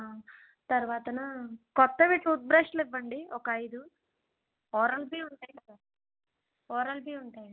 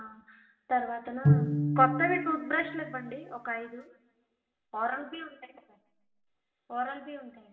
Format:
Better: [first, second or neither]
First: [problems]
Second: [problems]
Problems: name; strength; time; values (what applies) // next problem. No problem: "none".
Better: first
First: none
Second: background sound (Bowed string instrument); 4 dB above the speech // room echo; dies away in 0.7 s